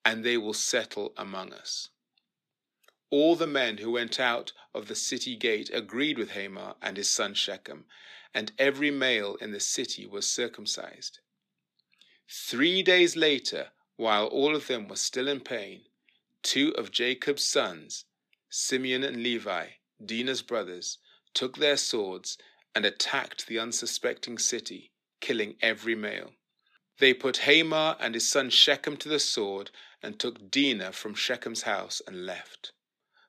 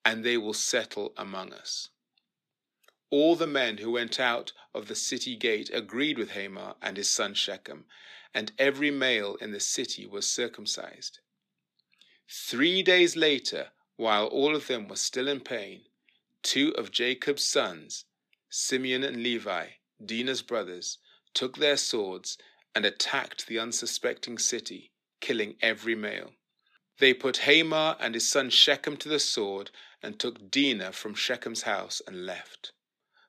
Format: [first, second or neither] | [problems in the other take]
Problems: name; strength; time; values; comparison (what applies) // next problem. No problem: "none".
neither | thin; somewhat; fading below 300 Hz; the same in both